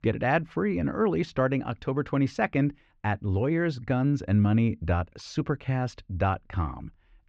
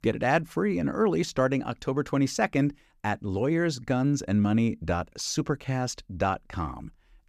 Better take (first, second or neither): second